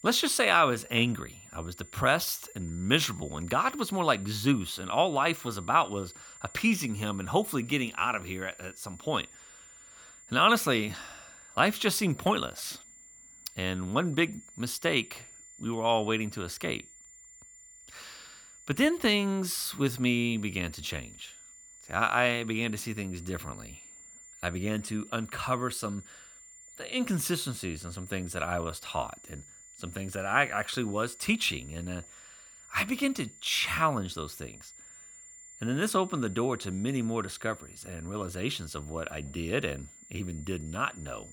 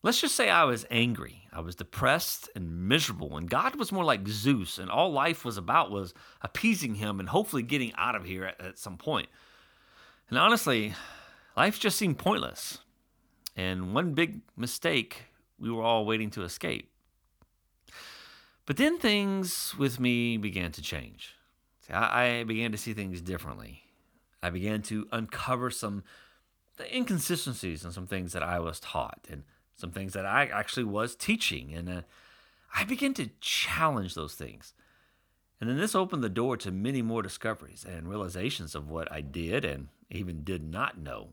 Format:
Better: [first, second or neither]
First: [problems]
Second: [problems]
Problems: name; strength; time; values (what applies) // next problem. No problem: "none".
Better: second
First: high-pitched whine; noticeable; throughout; 7 kHz, 20 dB below the speech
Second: none